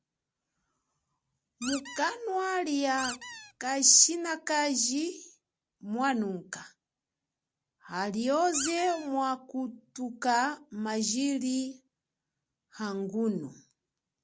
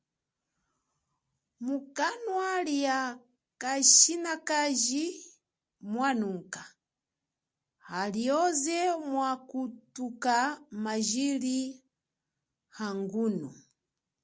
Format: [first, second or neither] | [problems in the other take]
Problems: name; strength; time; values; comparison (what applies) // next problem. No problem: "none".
second | background sound (Squeak); 10 dB below the speech